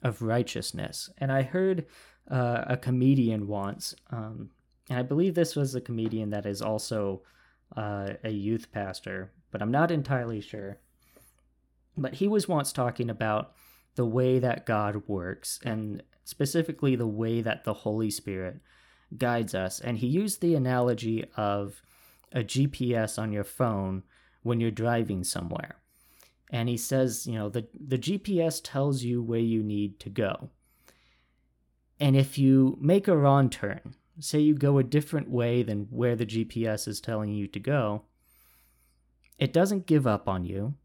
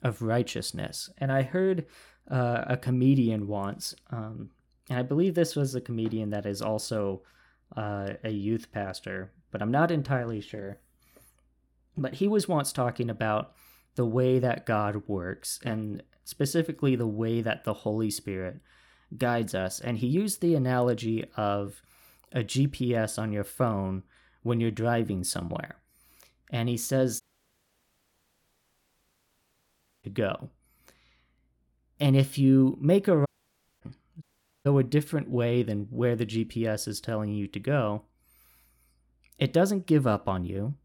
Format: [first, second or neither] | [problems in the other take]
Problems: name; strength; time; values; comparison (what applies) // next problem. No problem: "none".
first | audio cutting out; at 27 s for 3 s, at 33 s for 0.5 s and at 34 s